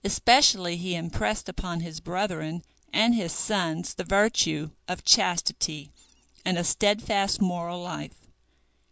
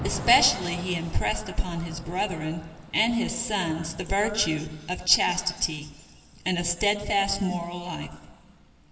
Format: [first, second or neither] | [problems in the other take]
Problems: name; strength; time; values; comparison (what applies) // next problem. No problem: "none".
first | background sound (Thunder / Rain); 15 dB below the speech // room echo; dies away in 1.9 s